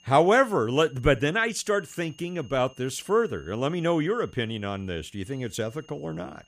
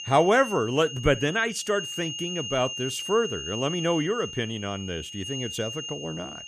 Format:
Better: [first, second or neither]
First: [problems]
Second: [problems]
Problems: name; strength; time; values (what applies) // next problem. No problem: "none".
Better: first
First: high-pitched whine; faint; throughout; 3 kHz, 30 dB below the speech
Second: high-pitched whine; loud; throughout; 3 kHz, 7 dB below the speech